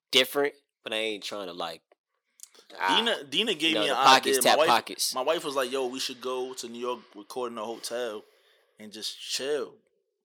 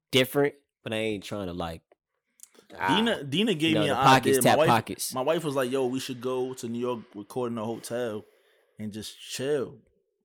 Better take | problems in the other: second | thin; somewhat; fading below 350 Hz

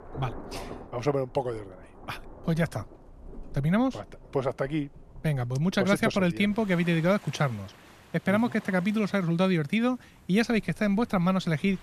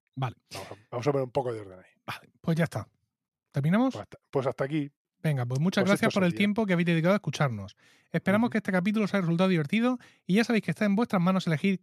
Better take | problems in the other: second | rain or running water; faint; throughout; 20 dB below the speech

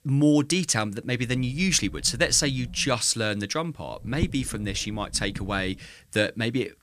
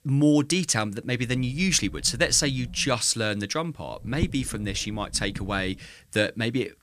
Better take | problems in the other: neither | low rumble; faint; from 1 to 3 s and from 4 to 6 s; 20 dB below the speech; the same in both

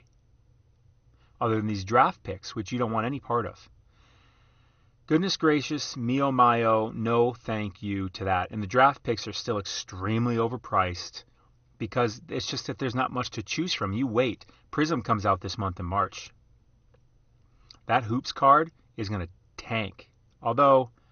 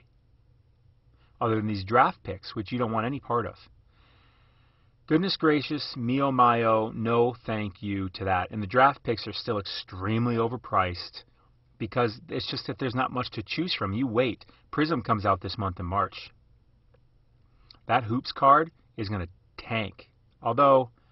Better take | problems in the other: first | garbled, watery; badly; nothing above 5.5 kHz; slightly in the first

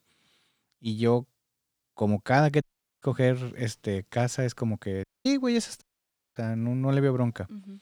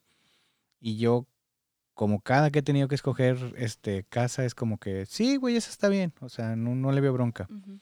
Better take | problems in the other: second | audio cutting out; at 2.5 s, at 5 s and at 6 s for 0.5 s

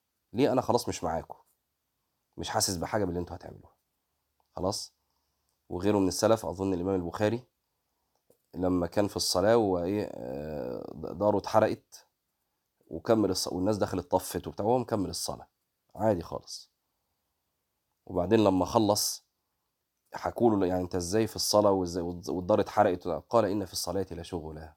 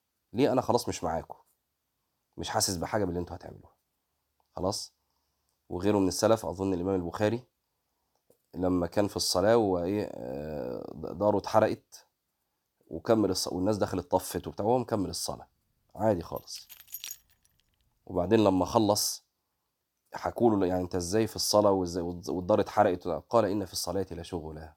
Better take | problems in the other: first | jangling keys; faint; at 16 s; peak 10 dB below the speech

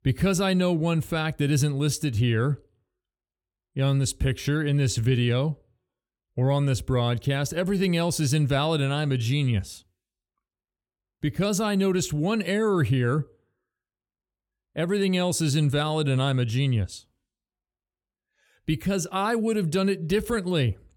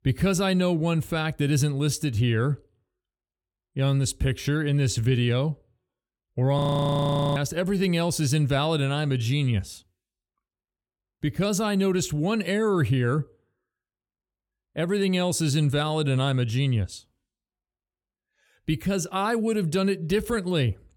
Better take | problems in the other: first | audio freezing; at 6.5 s for 1 s

